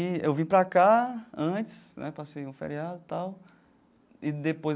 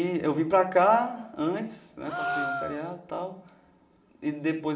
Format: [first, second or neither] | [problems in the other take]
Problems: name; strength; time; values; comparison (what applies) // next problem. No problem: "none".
first | background sound (Gasp); 8 dB below the speech // room echo; dies away in 1.2 s